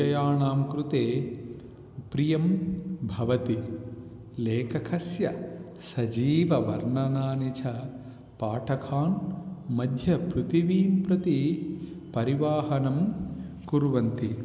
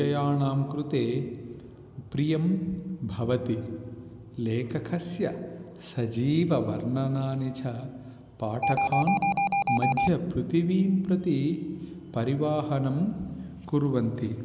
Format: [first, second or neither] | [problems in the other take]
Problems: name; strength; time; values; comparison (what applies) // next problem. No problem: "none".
first | background sound (Alarm); 2 dB above the speech